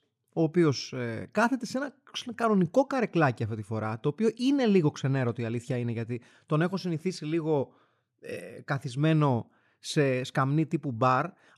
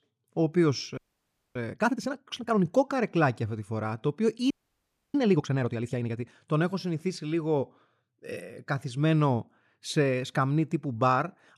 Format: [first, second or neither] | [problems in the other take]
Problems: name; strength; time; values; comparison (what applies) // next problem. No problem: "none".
first | audio freezing; at 1 s for 0.5 s and at 4.5 s for 0.5 s